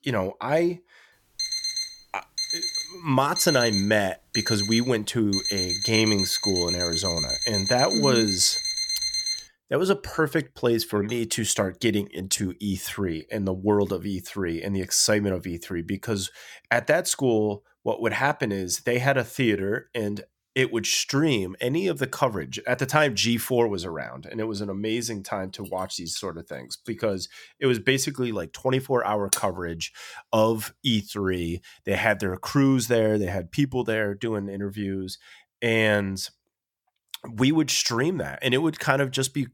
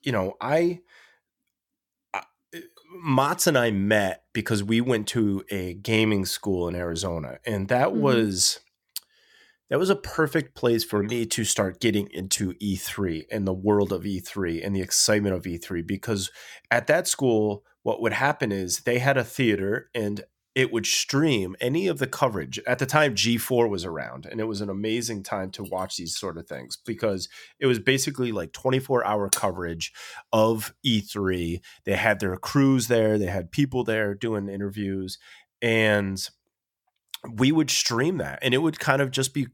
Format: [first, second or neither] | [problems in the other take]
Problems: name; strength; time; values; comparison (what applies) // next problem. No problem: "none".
second | alarm; loud; from 1.5 to 9.5 s; peak 1 dB above the speech